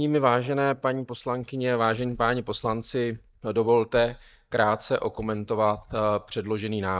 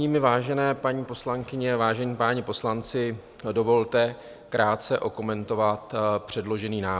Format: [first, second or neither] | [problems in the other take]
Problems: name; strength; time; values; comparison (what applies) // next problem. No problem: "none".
second | noise reduction (neural mask model DeepFilterNet 3)